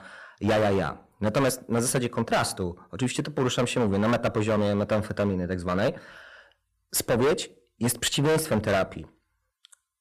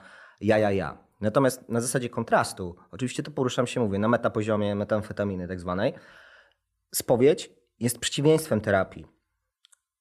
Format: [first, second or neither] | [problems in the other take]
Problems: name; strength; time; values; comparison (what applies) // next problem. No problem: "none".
second | distortion; heavy; 13% of the sound clipped